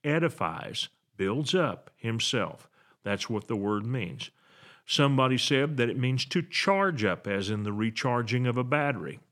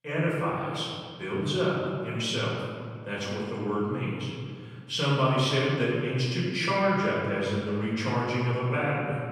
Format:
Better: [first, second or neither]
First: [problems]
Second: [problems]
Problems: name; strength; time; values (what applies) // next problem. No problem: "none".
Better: first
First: none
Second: off-mic speech; far // room echo; strong; dies away in 1.9 s